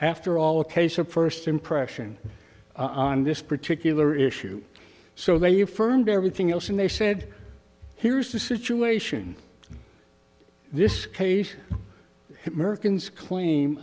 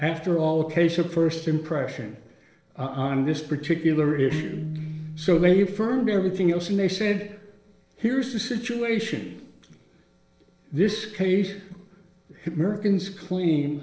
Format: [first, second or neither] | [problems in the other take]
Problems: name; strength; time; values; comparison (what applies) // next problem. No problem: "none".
first | noise reduction (neural separator model SepFormer DNS4)